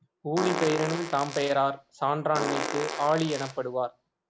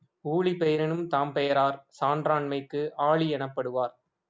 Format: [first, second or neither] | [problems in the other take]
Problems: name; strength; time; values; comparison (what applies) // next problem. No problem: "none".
second | background sound (Fart); 6 dB below the speech